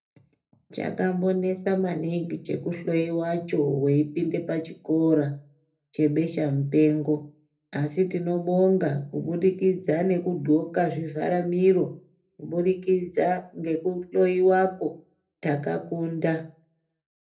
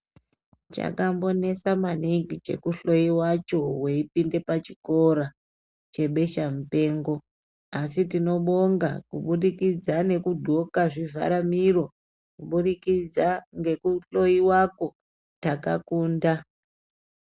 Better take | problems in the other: second | room echo; dies away in 0.3 s

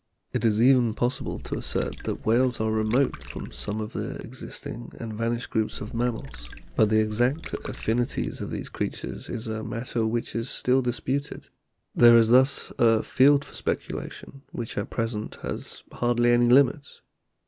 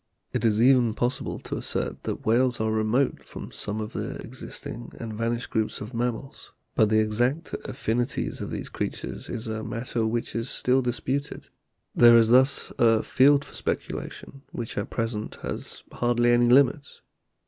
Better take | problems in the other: second | background sound (Water / Liquid); 13 dB below the speech

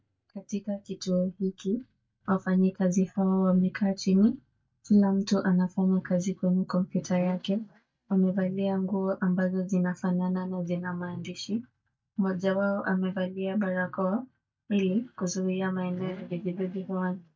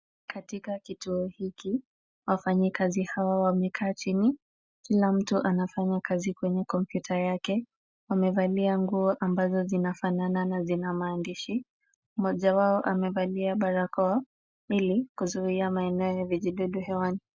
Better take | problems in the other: second | noise reduction (neural mask model DeepFilterNet 3)

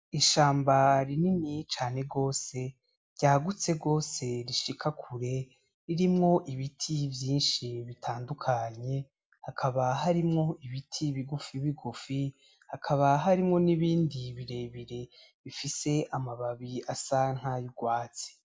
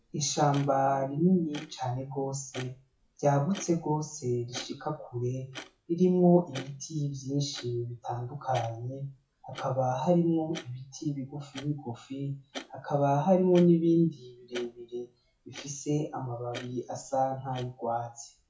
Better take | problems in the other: first | noise reduction (classical method WPE with log-MMSE)

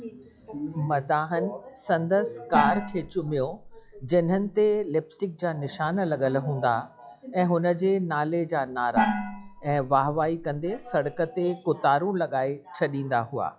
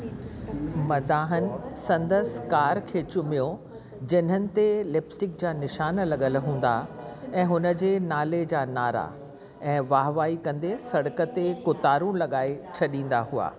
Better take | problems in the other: second | noise reduction (classical method log-MMSE)

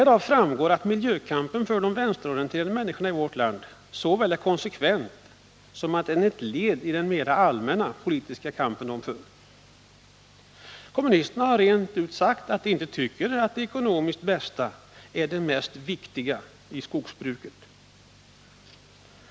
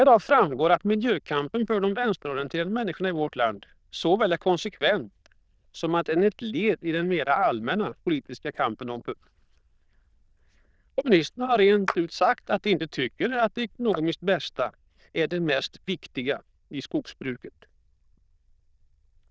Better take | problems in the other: first | noise reduction (neural diffusion model UNIVERSE++)

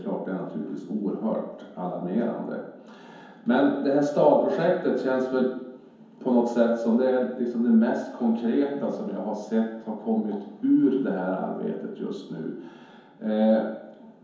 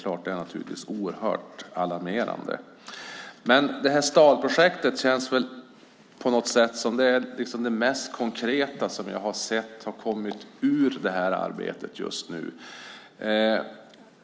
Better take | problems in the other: second | room echo; dies away in 0.9 s

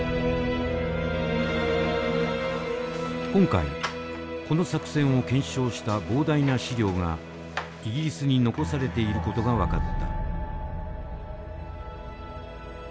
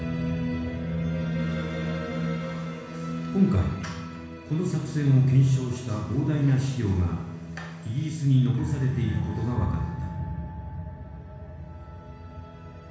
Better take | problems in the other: first | room echo; dies away in 1.1 s

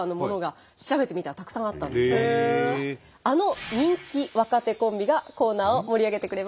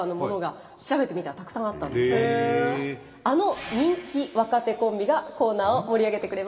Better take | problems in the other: first | room echo; dies away in 2.9 s

